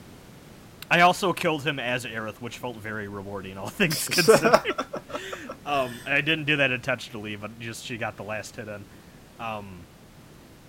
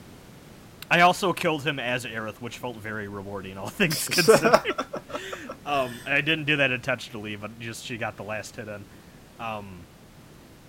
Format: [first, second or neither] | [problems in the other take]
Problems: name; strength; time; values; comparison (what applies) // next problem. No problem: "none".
neither | hiss; faint; throughout; 25 dB below the speech; the same in both